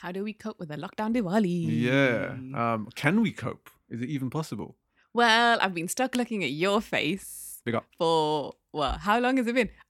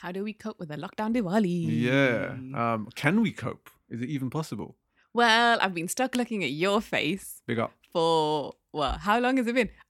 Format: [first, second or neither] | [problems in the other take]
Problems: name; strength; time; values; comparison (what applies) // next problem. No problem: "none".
second | audio freezing; at 7.5 s